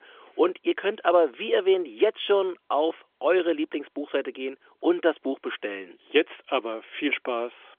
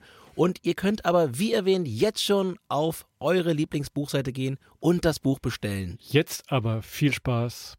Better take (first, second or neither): second